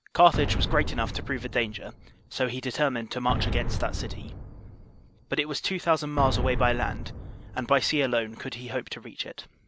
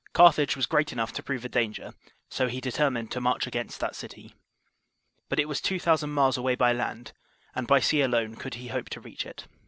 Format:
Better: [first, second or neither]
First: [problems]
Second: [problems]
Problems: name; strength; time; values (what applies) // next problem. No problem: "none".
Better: second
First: background sound (Boom); 3 dB below the speech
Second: none